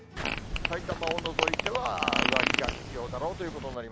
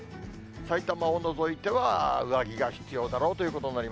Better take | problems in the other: second | background sound (Fart); 4 dB above the speech

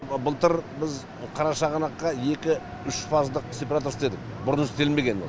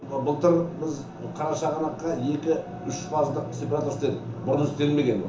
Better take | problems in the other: first | room echo; dies away in 0.7 s

